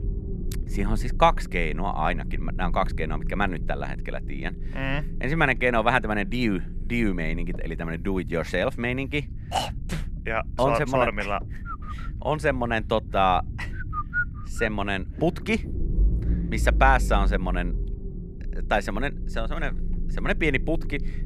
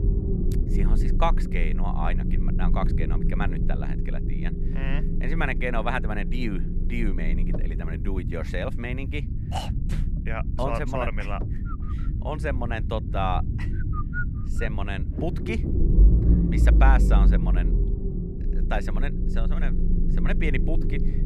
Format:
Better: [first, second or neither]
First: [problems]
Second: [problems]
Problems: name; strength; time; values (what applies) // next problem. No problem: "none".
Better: first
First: low rumble; faint; throughout; 20 dB below the speech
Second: low rumble; loud; throughout; 7 dB below the speech